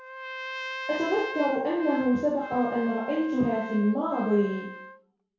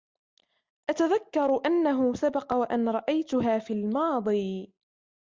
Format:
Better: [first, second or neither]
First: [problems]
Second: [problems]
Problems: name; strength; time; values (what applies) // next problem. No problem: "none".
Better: second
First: background sound (Trumpet); 11 dB below the speech // room echo; dies away in 0.6 s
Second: none